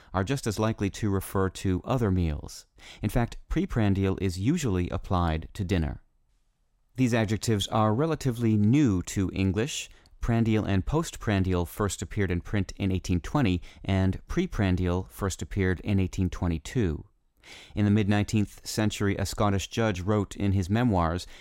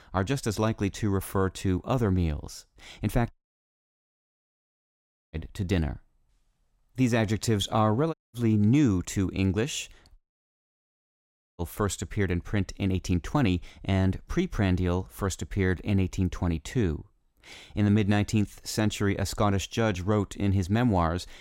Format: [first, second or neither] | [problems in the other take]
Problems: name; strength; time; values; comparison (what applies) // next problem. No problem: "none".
first | audio cutting out; at 3.5 s for 2 s, at 8 s and at 10 s for 1.5 s